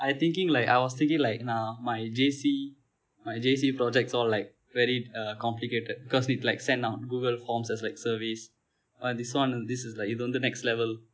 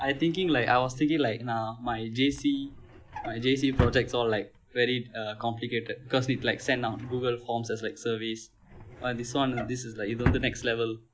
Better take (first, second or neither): first